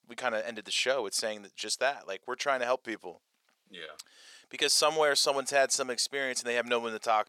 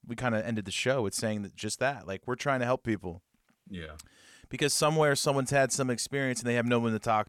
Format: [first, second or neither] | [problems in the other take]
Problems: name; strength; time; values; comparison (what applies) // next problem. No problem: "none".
second | thin; somewhat; fading below 500 Hz